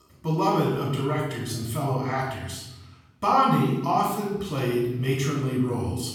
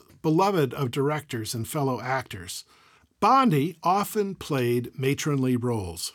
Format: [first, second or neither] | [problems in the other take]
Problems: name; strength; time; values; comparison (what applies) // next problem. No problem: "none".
second | off-mic speech; far // room echo; noticeable; dies away in 0.9 s